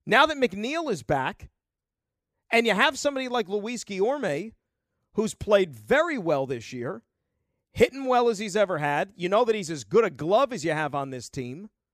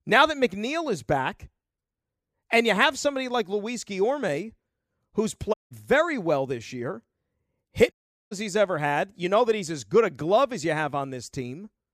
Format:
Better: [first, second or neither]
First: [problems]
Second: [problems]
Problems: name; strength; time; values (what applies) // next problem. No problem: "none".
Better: first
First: none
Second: audio cutting out; at 5.5 s and at 8 s